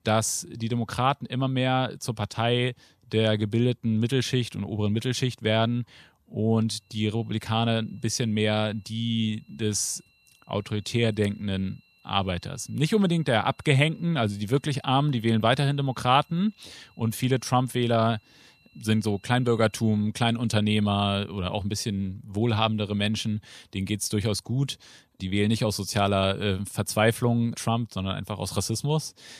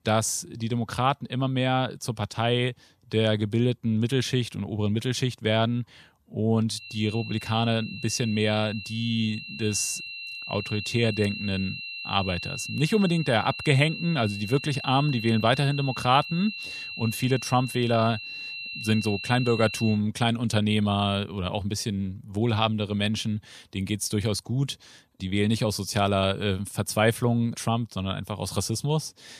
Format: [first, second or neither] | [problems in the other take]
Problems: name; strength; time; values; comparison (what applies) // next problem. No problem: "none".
first | high-pitched whine; loud; from 7 to 20 s; 2.5 kHz, 9 dB below the speech; faint in the first